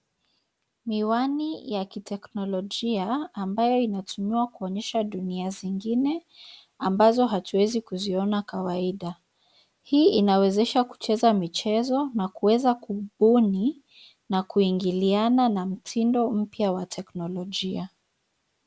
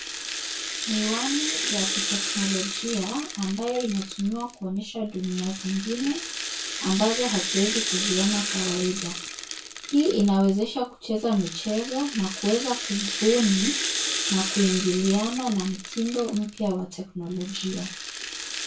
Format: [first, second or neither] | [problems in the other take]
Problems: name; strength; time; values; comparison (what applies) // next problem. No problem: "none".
first | background sound (Rattle (instrument)); 4 dB below the speech // room echo; dies away in 0.2 s